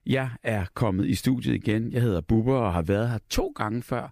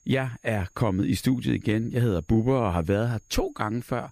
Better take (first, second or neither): first